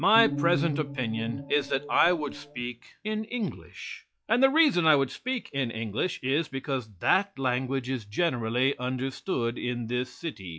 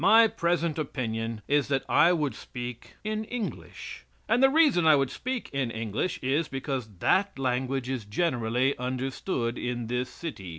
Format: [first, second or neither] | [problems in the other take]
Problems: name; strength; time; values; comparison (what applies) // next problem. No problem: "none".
second | noise reduction (classical method log-MMSE)